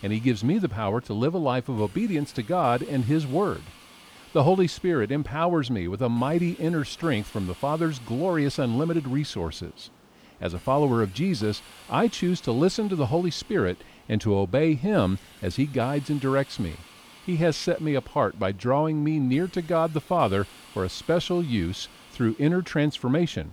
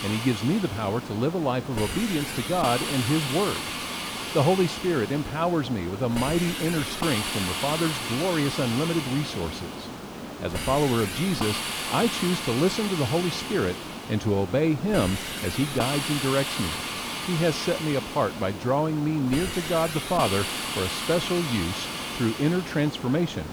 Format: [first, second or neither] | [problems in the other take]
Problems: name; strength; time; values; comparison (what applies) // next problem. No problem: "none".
first | hiss; loud; throughout; 4 dB below the speech; faint in the first